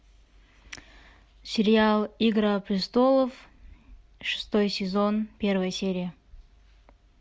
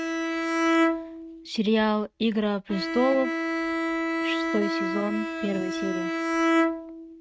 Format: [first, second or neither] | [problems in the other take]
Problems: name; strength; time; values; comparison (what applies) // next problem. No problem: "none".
first | noise reduction (neural mask model RNNoise)